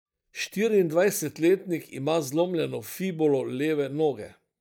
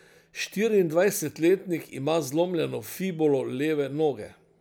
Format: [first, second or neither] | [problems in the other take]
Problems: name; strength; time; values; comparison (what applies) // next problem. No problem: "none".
second | noise reduction (neural mask model DeepFilterNet 3)